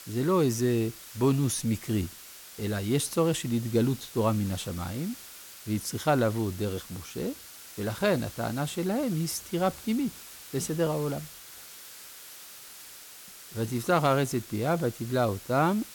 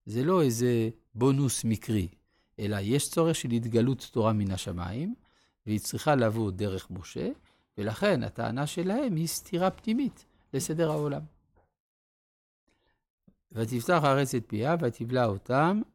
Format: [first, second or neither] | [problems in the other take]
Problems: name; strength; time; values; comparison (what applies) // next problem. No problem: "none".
second | hiss; noticeable; throughout; 15 dB below the speech